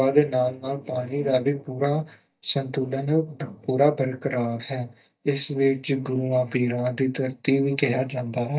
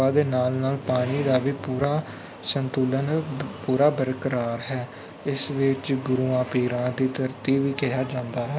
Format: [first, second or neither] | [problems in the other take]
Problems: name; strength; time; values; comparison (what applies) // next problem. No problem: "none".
second | noise reduction (neural mask model DeepFilterNet 3)